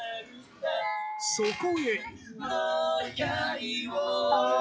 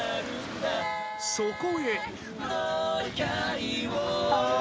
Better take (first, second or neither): second